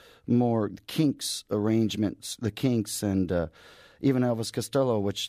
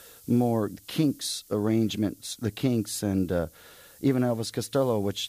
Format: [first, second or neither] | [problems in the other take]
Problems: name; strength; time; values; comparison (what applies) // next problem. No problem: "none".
first | hiss; faint; throughout; 25 dB below the speech